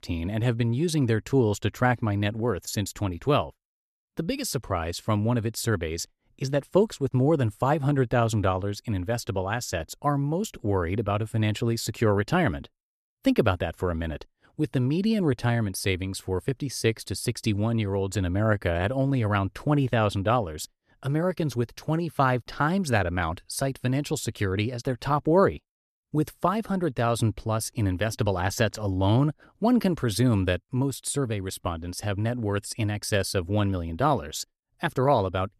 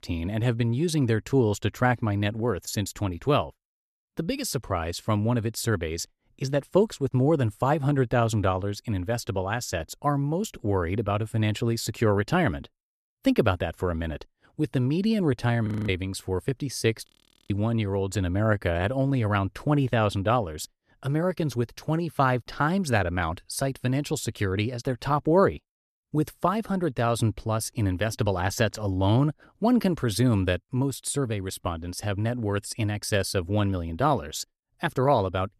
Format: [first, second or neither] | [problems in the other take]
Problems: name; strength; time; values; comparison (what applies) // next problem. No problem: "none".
first | audio freezing; at 16 s and at 17 s